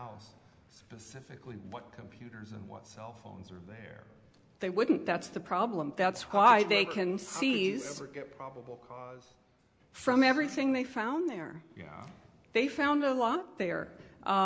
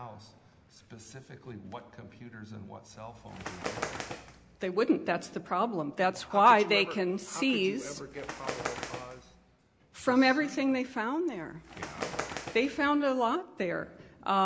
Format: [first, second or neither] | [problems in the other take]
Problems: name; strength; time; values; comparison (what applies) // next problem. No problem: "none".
first | background sound (Bird); 11 dB below the speech